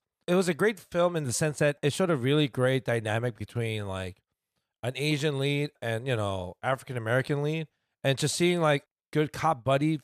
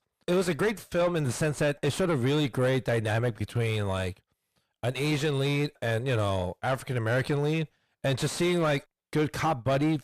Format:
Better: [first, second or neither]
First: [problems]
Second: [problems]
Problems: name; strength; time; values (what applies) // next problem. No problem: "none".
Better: first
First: none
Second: distortion; heavy; 7 dB below the speech